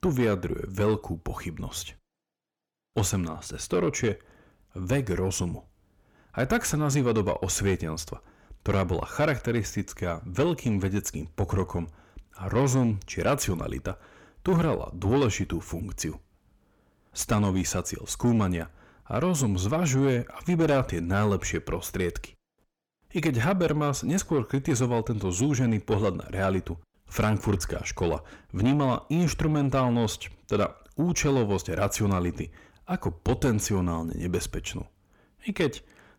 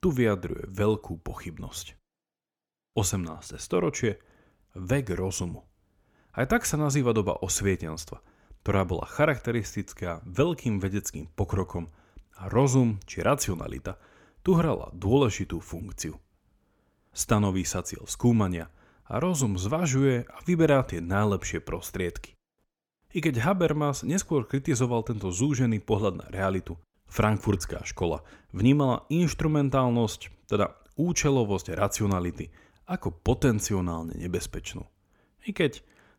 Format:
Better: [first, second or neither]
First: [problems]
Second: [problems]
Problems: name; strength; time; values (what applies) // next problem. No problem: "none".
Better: second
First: distortion; slight; 10 dB below the speech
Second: none